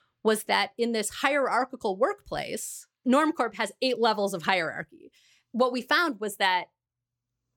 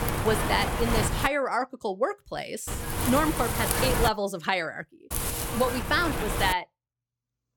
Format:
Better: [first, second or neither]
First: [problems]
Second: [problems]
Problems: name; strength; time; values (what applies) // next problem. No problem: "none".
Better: first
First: none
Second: wind noise on the microphone; heavy; until 1.5 s, from 2.5 to 4 s and from 5 to 6.5 s; 4 dB below the speech